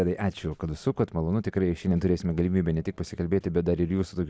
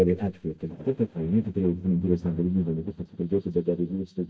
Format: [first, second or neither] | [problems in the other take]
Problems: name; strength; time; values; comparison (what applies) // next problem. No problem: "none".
first | noise reduction (neural mask model DeepFilterNet 3)